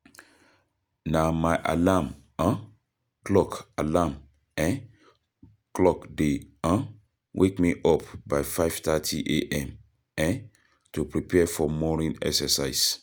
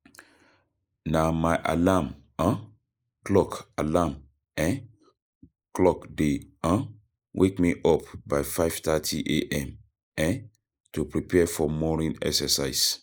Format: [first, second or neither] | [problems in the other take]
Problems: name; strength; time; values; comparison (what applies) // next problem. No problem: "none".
first | noise reduction (neural mask model Resemble Enhance denoiser)